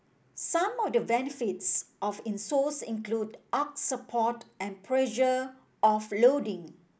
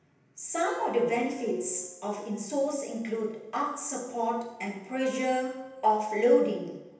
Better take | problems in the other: first | background sound (Wind instrument, woodwind instrument); 17 dB below the speech // room echo; dies away in 0.9 s

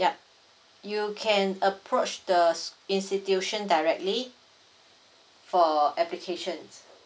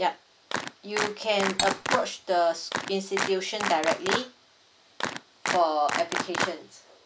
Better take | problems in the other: first | background sound (Clapping + Cutlery, silverware); 3 dB below the speech

